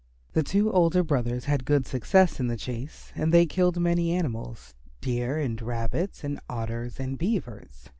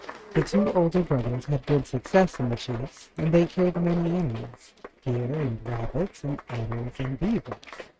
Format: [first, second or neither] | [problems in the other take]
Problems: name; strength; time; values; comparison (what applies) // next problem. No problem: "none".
first | noise reduction (neural mask model RNNoise)